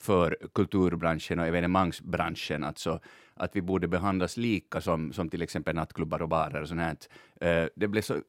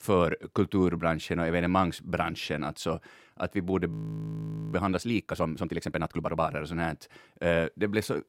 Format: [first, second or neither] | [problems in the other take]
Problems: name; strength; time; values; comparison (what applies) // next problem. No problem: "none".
first | audio freezing; at 4 s for 1 s